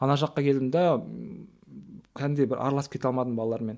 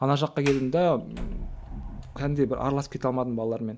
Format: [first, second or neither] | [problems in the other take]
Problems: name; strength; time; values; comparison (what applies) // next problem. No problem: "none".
first | background sound (Sliding door); 12 dB below the speech